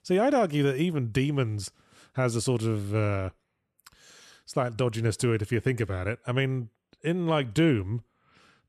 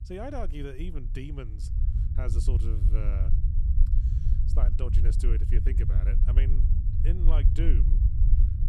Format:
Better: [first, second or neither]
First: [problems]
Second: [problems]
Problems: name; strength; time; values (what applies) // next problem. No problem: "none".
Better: first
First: none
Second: low rumble; loud; throughout; 3 dB below the speech